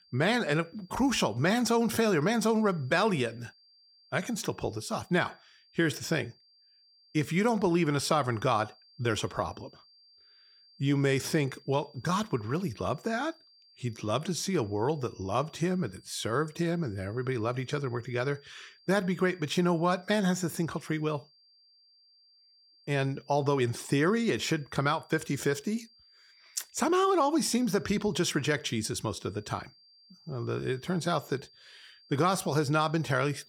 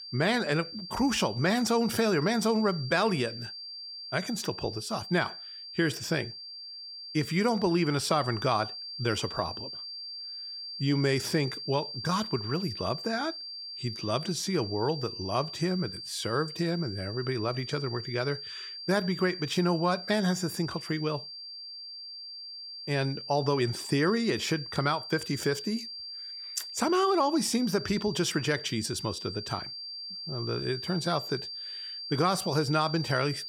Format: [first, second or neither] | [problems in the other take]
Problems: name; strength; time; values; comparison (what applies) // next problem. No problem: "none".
first | high-pitched whine; loud; throughout; 4.5 kHz, 9 dB below the speech; faint in the first